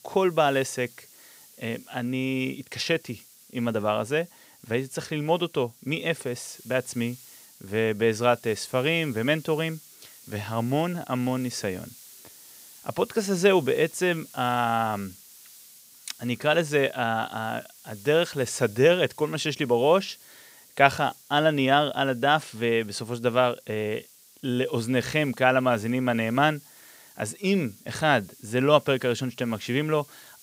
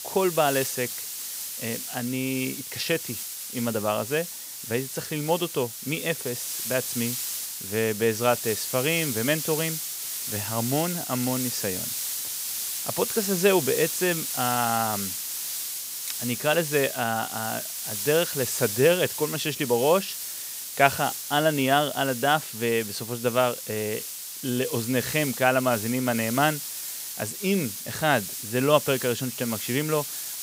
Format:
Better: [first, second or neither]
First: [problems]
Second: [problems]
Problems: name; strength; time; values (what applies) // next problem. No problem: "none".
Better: first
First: hiss; faint; throughout; 25 dB below the speech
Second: hiss; loud; throughout; 4 dB below the speech